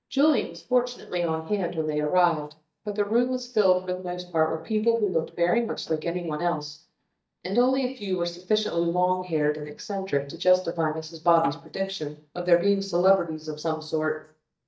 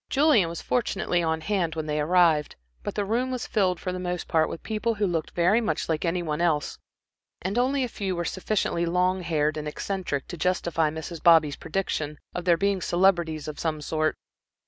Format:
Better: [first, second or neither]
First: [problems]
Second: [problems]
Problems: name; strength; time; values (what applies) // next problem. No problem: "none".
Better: second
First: noise reduction (neural mask model DeepFilterNet 3)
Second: none